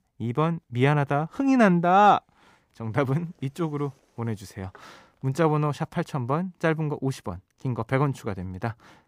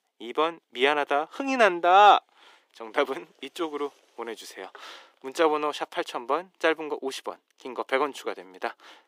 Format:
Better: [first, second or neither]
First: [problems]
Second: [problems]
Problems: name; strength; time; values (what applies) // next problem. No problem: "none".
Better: first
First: none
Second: thin; very; fading below 350 Hz